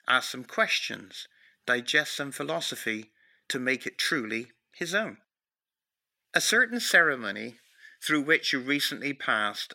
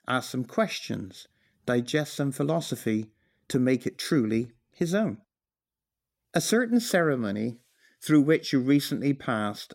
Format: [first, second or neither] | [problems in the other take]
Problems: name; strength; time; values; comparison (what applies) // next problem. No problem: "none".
second | thin; somewhat; fading below 750 Hz